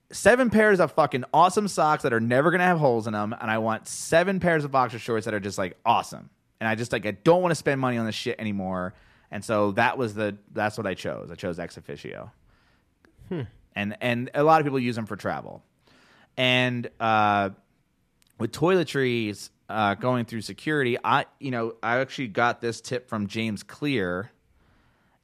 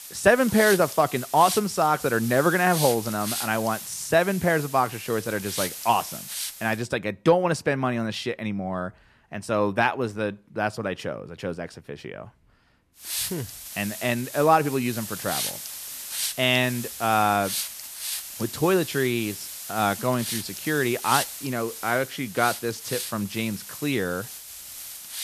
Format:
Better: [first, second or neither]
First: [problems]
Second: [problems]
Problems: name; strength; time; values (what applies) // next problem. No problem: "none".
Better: first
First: none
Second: hiss; loud; until 7 s and from 13 s on; 8 dB below the speech